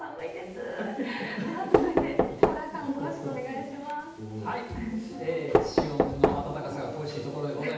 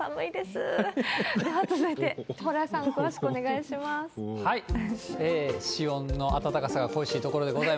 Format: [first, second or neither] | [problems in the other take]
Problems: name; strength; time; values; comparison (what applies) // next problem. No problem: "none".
second | background sound (Knock); 2 dB above the speech // room echo; dies away in 0.9 s